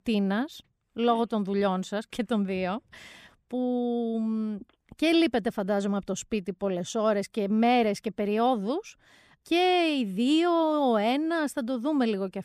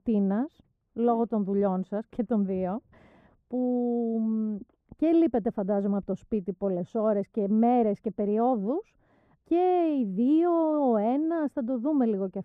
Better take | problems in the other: first | muffled; very; fading above 1.5 kHz

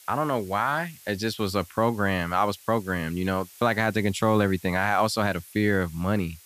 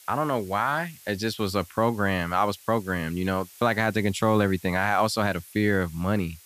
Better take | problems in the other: neither | hiss; faint; throughout; 20 dB below the speech; the same in both

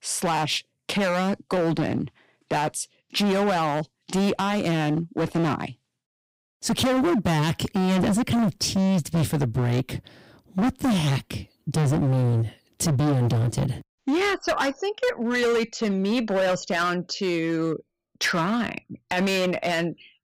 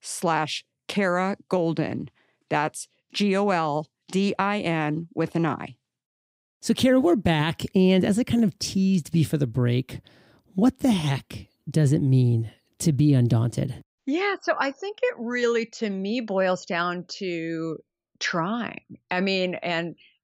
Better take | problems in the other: second | distortion; heavy; 20% of the sound clipped

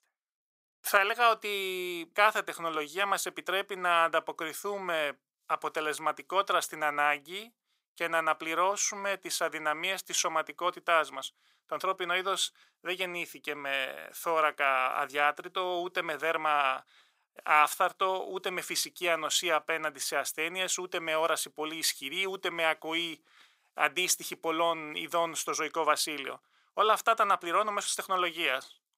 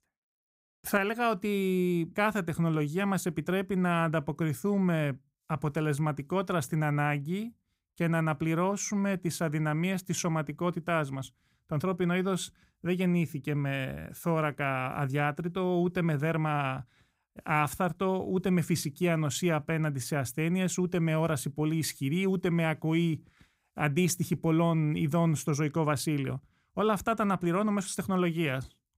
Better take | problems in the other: second | thin; very; fading below 500 Hz

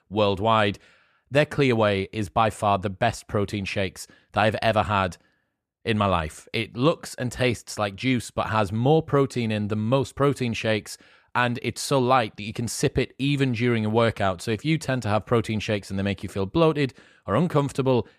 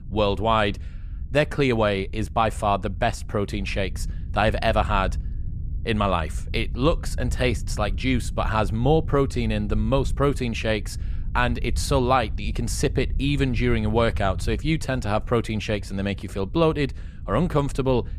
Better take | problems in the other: first | low rumble; faint; throughout; 25 dB below the speech

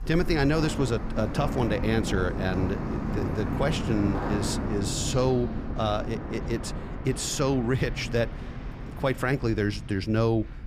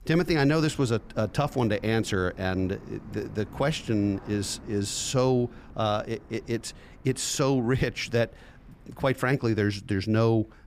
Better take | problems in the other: second | rain or running water; loud; throughout; 5 dB below the speech; faint in the second

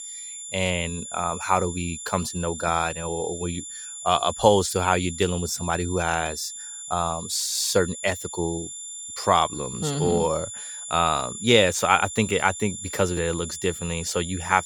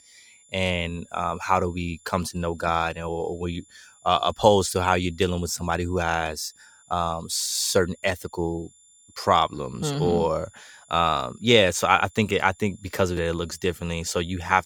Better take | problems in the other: second | high-pitched whine; loud; throughout; 7 kHz, 9 dB below the speech; faint in the second

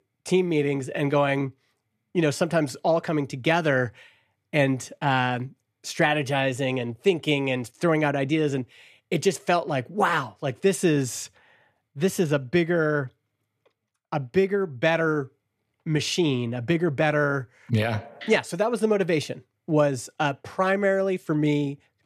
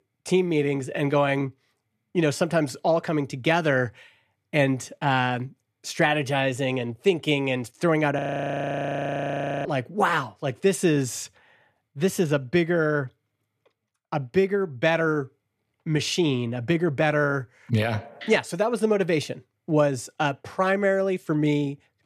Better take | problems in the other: first | audio freezing; at 8 s for 1.5 s

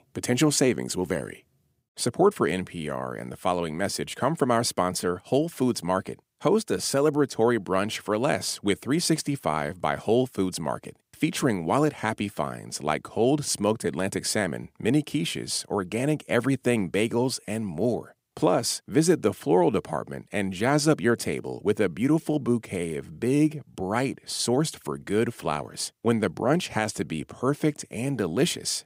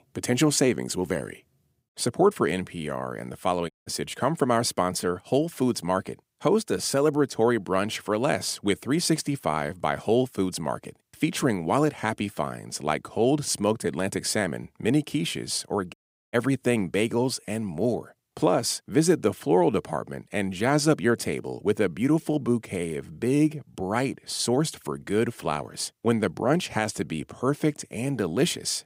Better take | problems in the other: first | audio cutting out; at 3.5 s and at 16 s

